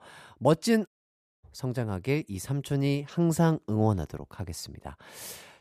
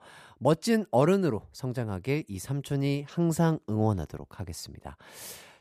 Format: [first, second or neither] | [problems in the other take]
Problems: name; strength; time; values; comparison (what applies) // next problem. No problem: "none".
second | audio cutting out; at 1 s for 0.5 s